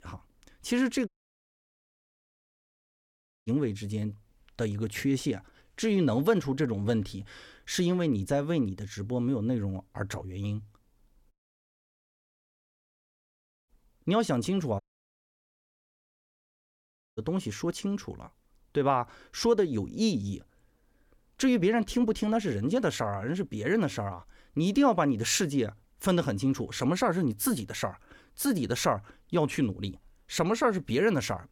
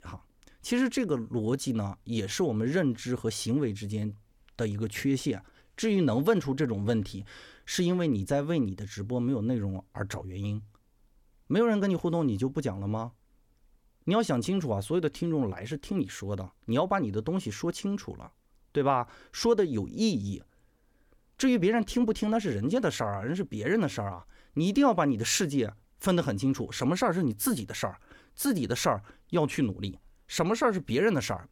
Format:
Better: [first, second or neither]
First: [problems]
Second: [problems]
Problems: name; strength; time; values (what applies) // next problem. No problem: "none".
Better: second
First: audio cutting out; at 1 s for 2.5 s, at 11 s for 2.5 s and at 15 s for 2.5 s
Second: none